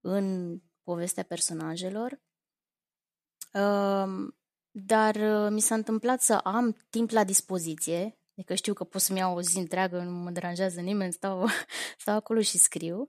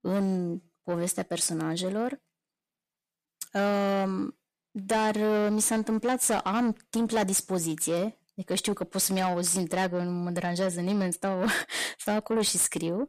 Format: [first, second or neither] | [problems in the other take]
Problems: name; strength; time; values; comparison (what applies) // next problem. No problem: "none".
first | distortion; heavy; 7 dB below the speech